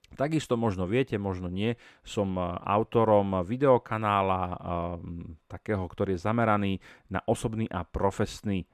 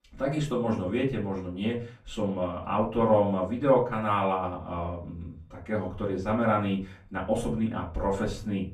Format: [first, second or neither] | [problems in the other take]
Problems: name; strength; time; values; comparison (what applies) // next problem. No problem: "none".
first | off-mic speech; far // room echo; slight; dies away in 0.3 s